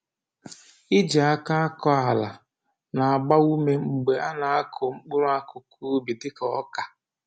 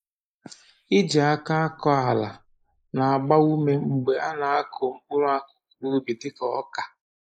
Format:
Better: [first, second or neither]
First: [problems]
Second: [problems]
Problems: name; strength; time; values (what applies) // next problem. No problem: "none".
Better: first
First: none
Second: noise reduction (neural mask model Resemble Enhance denoiser)